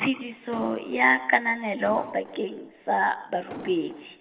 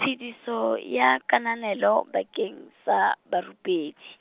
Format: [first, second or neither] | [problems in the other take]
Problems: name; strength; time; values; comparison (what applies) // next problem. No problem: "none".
second | background sound (Explosion); 14 dB below the speech // room echo; dies away in 1.7 s